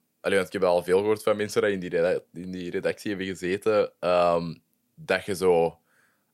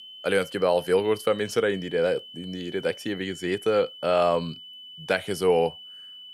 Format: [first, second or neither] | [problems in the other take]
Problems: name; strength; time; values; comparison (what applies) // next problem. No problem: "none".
first | high-pitched whine; noticeable; throughout; 3 kHz, 15 dB below the speech